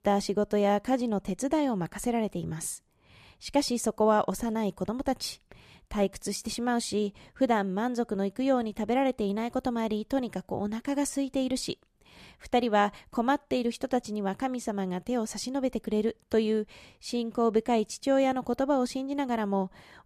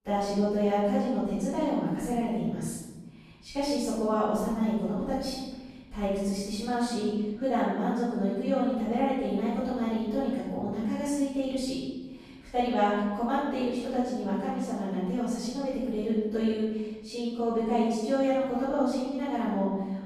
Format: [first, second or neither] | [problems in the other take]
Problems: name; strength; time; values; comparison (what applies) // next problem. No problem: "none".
first | off-mic speech; far // room echo; strong; dies away in 1.2 s